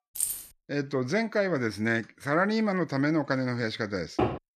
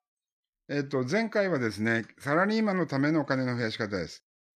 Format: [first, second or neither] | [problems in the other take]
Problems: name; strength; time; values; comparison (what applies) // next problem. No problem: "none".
second | jangling keys; noticeable; at the start; peak 1 dB below the speech // door banging; noticeable; at 4 s; peak 2 dB below the speech